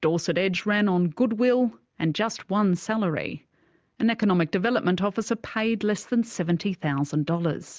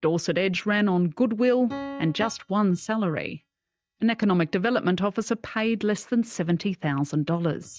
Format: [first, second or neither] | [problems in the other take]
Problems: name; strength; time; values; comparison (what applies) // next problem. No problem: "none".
first | noise reduction (neural mask model DeepFilterNet 3)